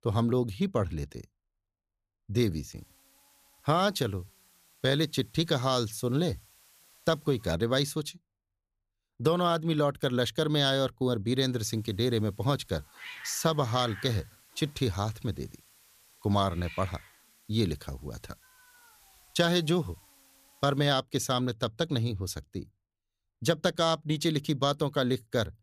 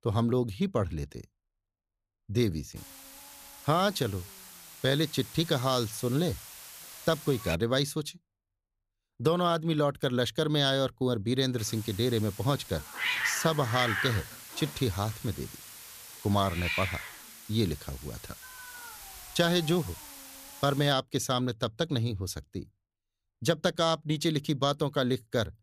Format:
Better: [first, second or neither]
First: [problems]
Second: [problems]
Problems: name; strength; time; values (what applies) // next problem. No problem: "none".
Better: first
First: hiss; faint; from 3 to 7.5 s and from 12 to 21 s; 25 dB below the speech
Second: hiss; loud; from 3 to 7.5 s and from 12 to 21 s; 9 dB below the speech